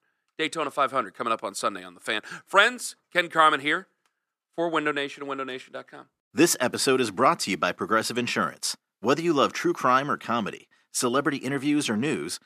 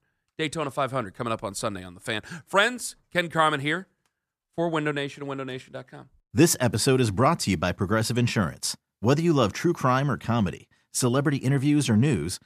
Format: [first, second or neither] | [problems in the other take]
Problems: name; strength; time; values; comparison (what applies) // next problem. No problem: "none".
second | thin; somewhat; fading below 300 Hz